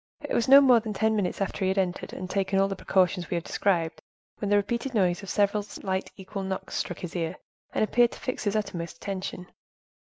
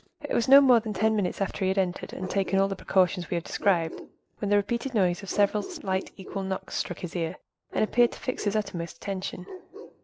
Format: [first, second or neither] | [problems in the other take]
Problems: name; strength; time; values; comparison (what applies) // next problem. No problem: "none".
first | background sound (Bark); 16 dB below the speech